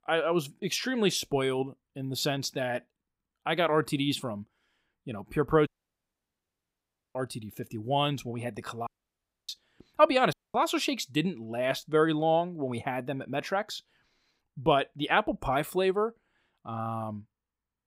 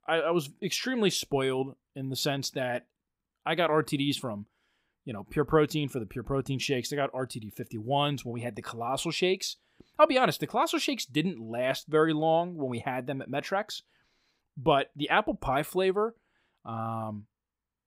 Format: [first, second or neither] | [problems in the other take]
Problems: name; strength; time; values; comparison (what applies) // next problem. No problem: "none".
second | audio cutting out; at 5.5 s for 1.5 s, at 9 s for 0.5 s and at 10 s